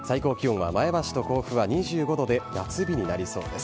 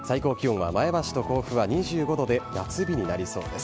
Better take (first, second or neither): first